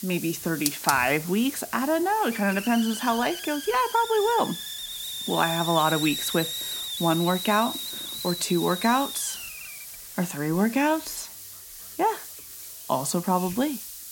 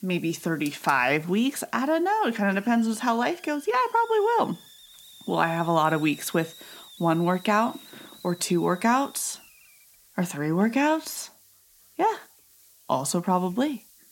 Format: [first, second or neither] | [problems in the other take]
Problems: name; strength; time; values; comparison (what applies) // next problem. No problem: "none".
second | hiss; loud; throughout; 7 dB below the speech; faint in the second